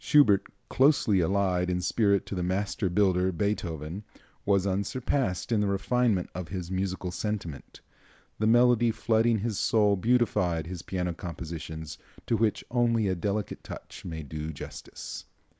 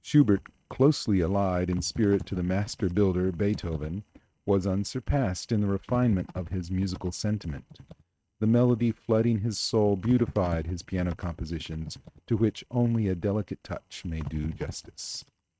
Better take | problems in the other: first | noise reduction (neural mask model RNNoise)

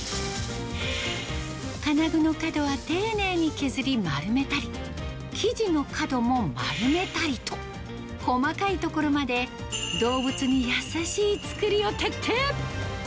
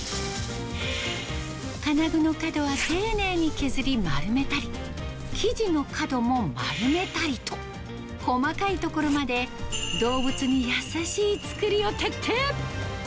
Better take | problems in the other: first | background sound (Zipper (clothing)); 10 dB below the speech

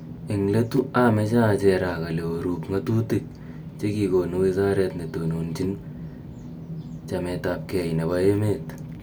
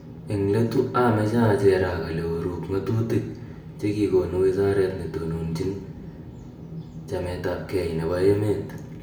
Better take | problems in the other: first | room echo; dies away in 0.9 s

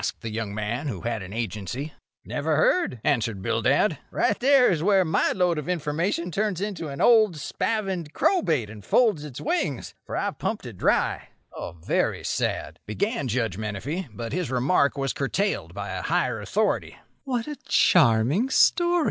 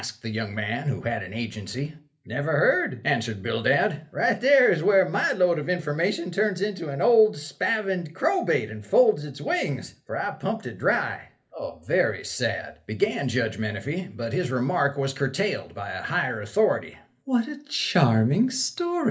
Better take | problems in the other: first | room echo; dies away in 0.3 s

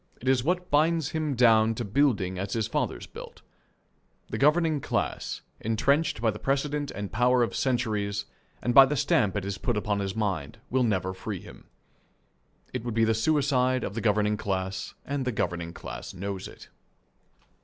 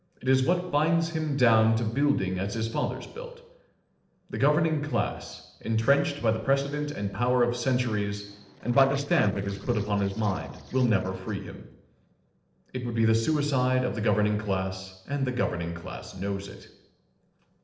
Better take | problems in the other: first | noise reduction (neural separator model SepFormer DNS4)

